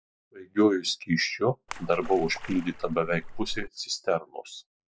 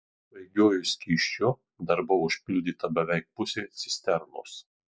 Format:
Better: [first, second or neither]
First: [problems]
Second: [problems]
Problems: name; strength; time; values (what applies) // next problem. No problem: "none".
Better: second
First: background sound (Splash, splatter); 8 dB below the speech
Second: none